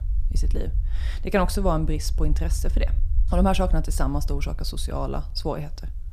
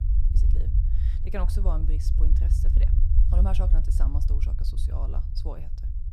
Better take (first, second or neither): first